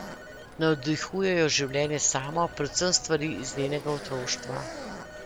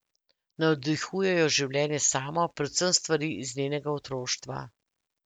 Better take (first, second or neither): second